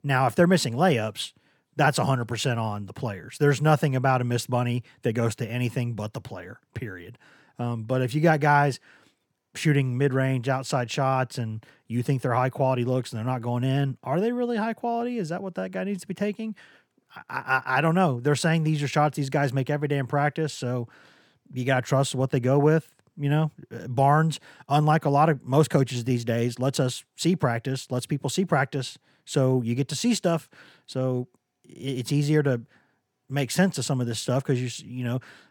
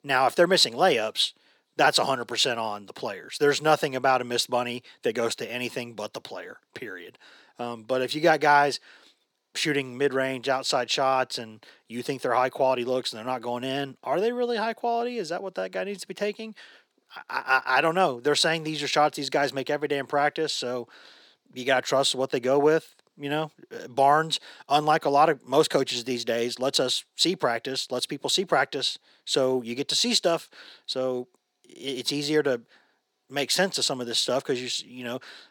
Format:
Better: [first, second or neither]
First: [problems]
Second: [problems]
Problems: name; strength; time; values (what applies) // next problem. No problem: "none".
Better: first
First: none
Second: thin; somewhat; fading below 400 Hz